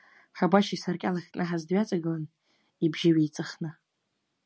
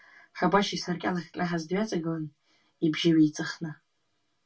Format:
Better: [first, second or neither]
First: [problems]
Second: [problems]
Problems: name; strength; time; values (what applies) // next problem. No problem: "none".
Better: first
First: none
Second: room echo; dies away in 0.2 s